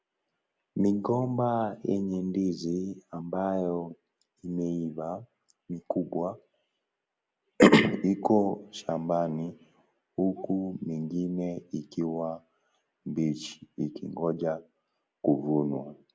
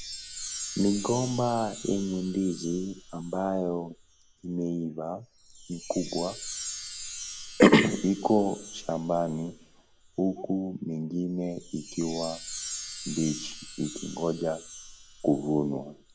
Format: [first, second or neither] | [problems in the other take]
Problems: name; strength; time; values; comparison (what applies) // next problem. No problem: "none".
first | background sound (Chime); 12 dB below the speech